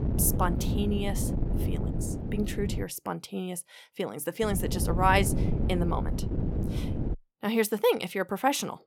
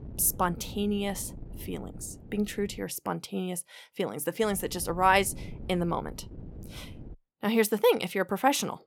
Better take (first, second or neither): second